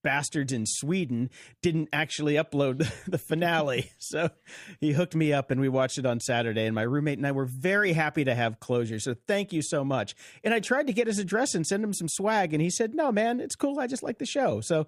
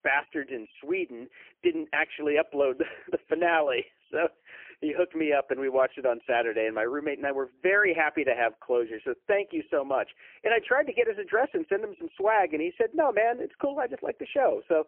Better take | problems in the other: first | phone-call audio; poor line; nothing above 3 kHz

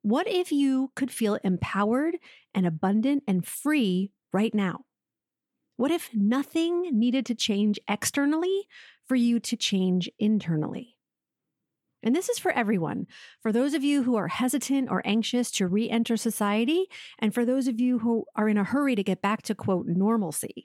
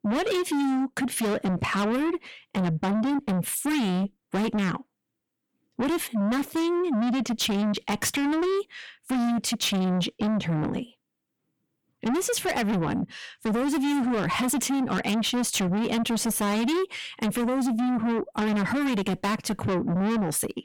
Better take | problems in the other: first | distortion; heavy; 7 dB below the speech

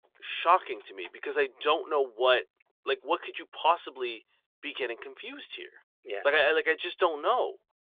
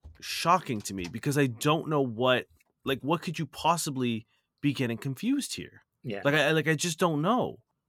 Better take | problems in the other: second | phone-call audio

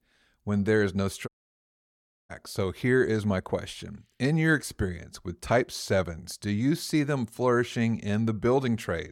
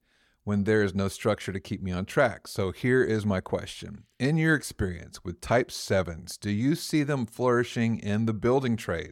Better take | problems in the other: second | audio cutting out; at 1.5 s for 1 s

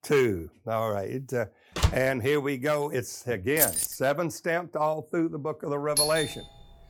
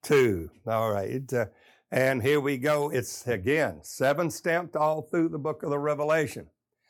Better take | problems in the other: second | door banging; loud; at 2 s; peak level with the speech // jangling keys; loud; at 3.5 s; peak 5 dB above the speech // doorbell; loud; at 6 s; peak 3 dB above the speech

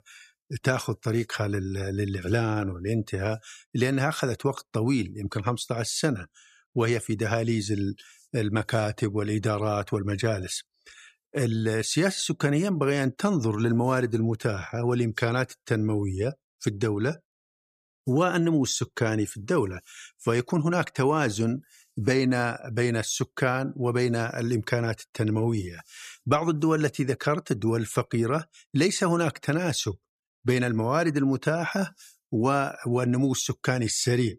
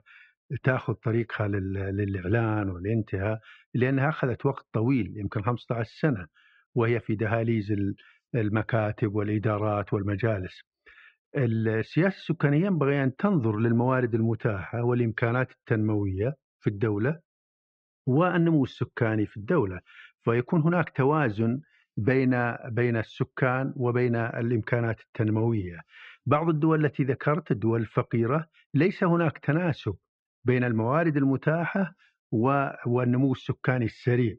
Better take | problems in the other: first | muffled; very; fading above 2.5 kHz

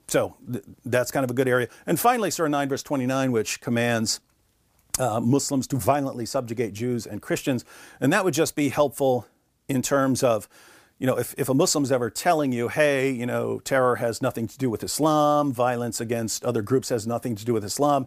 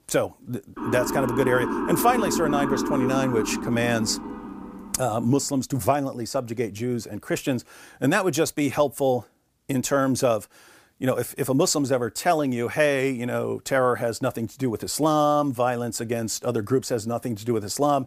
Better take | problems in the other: first | siren; noticeable; from 1 to 5.5 s; peak 1 dB below the speech

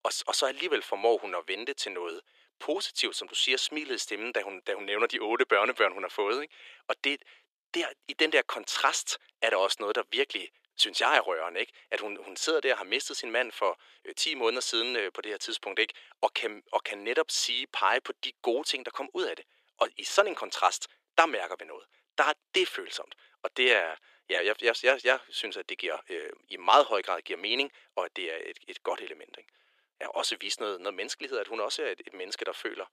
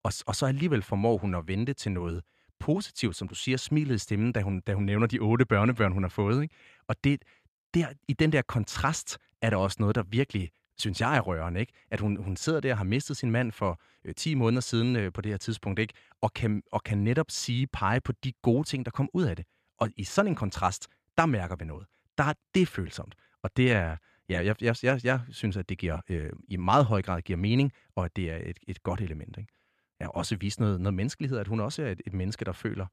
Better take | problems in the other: second | thin; very; fading below 350 Hz

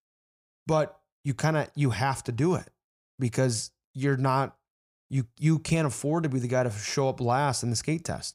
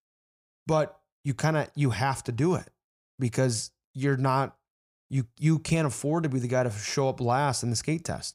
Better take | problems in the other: neither | none

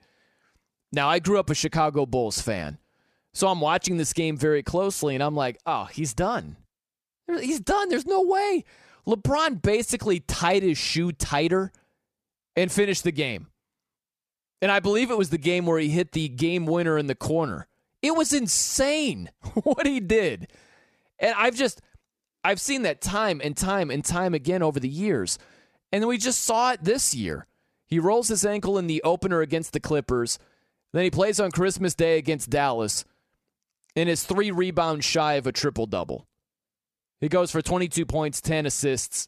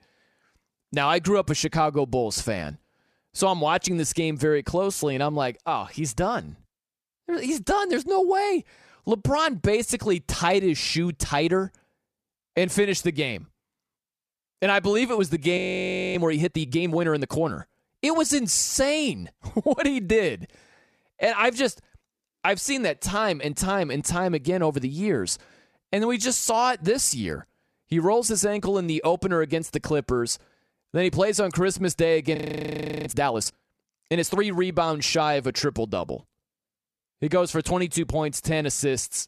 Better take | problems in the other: first | audio freezing; at 16 s for 0.5 s and at 32 s for 0.5 s

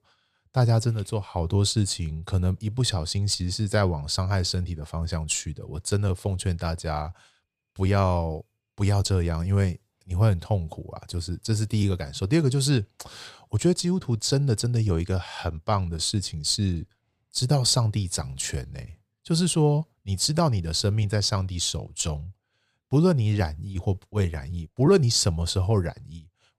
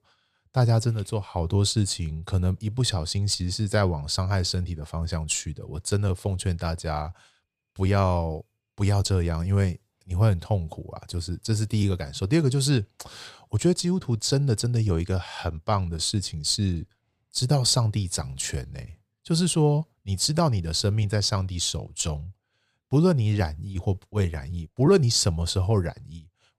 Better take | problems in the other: neither | none

